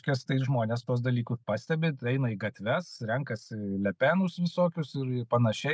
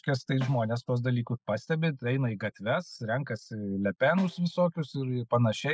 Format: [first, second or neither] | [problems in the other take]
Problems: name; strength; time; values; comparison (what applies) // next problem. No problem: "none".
first | noise reduction (classical method spectral subtraction)